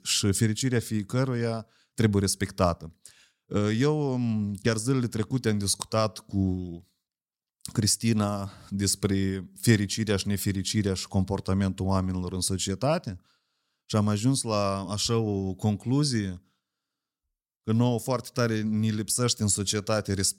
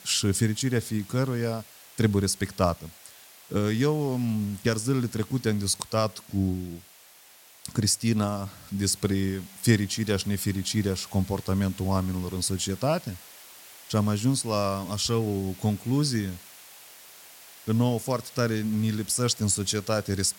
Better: first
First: none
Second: hiss; noticeable; throughout; 20 dB below the speech

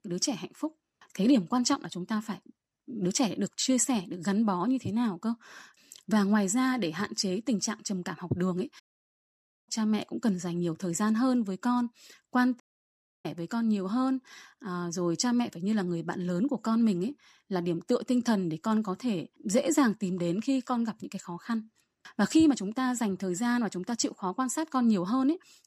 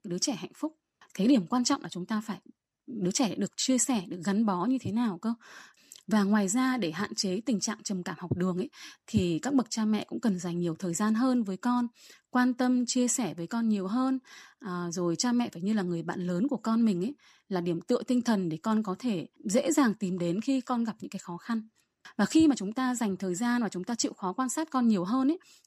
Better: second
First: audio cutting out; at 9 s for 1 s and at 13 s for 0.5 s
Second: none

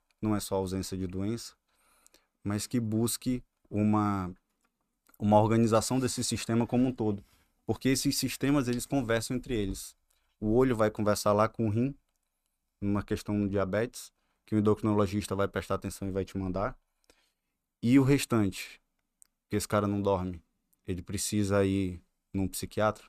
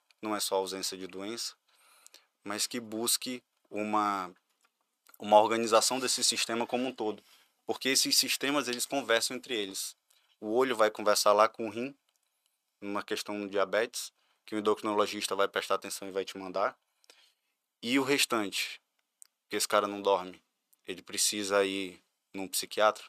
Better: first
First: none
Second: thin; somewhat; fading below 500 Hz

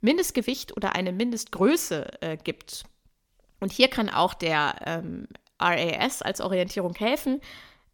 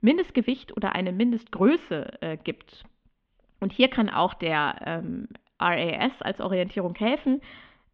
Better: first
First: none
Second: muffled; very; fading above 3 kHz

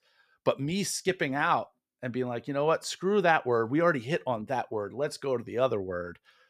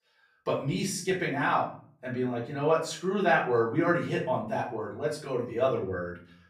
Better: first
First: none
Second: off-mic speech; far // room echo; slight; dies away in 0.4 s

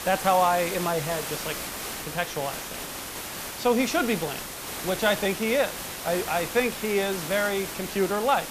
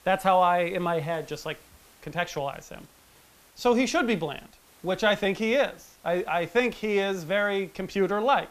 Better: second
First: hiss; loud; throughout; 6 dB below the speech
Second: hiss; faint; throughout; 30 dB below the speech

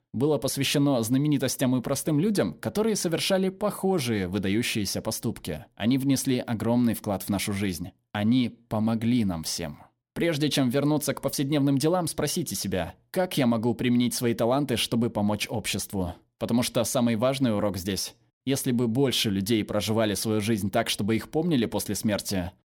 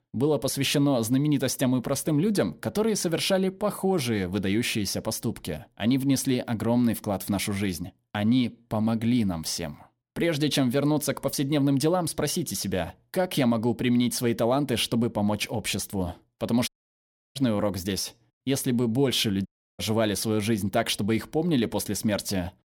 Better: first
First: none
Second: audio cutting out; at 17 s for 0.5 s and at 19 s

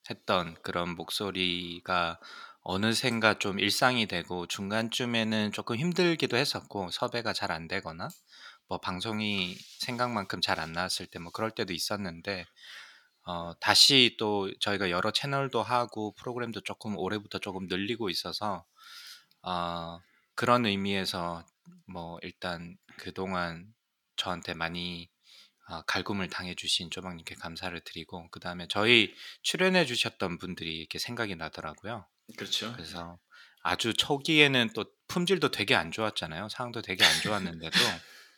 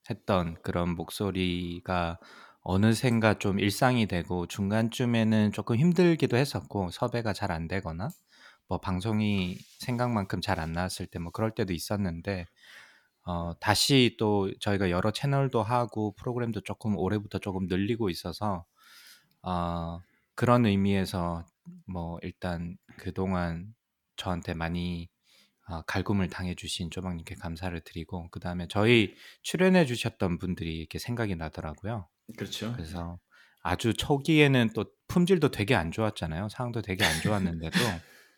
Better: second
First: thin; very slightly; fading below 600 Hz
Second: none

